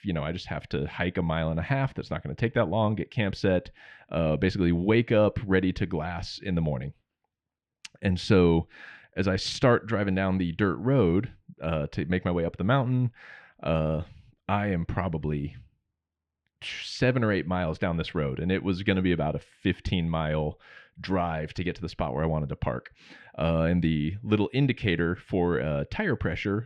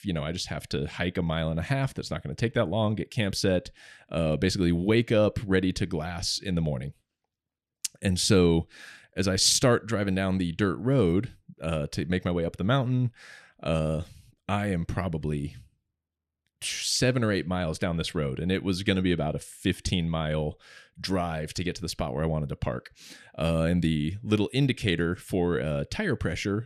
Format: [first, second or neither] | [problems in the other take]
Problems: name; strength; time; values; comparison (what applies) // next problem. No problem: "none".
second | muffled; slightly; fading above 2.5 kHz